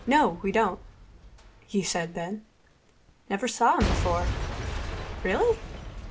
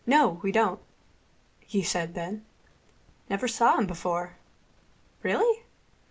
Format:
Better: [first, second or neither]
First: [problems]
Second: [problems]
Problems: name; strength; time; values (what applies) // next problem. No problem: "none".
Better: second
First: background sound (Shatter / Crushing / Boom); 6 dB below the speech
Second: none